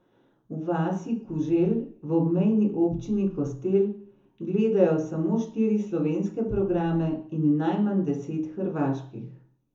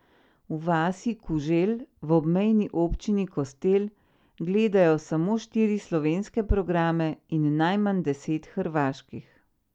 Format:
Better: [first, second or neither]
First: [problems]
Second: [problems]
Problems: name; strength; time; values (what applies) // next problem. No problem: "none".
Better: second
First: room echo; dies away in 0.6 s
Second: none